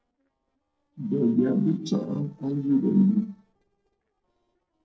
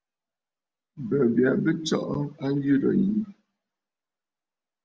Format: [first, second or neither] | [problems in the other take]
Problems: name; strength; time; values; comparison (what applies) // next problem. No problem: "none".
second | noise reduction (neural separator model SepFormer DNS4)